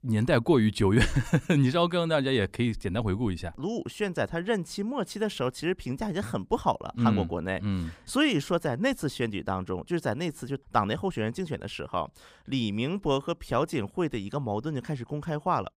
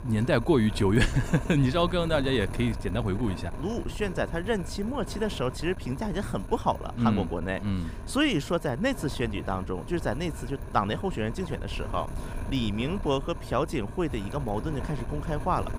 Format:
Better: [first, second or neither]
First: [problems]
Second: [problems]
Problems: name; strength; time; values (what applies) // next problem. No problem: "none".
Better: first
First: none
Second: wind noise on the microphone; occasional gusts; 15 dB below the speech